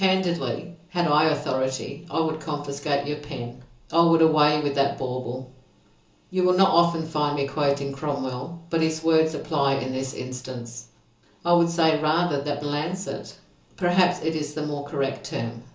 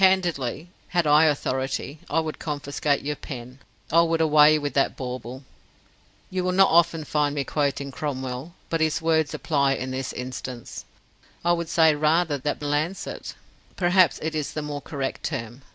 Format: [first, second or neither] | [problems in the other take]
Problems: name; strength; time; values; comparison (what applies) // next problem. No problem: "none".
second | room echo; dies away in 0.8 s